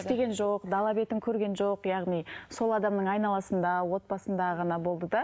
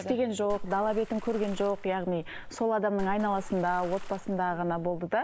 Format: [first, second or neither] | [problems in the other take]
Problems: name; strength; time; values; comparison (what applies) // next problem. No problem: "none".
first | background sound (Water / Splash, splatter); 11 dB below the speech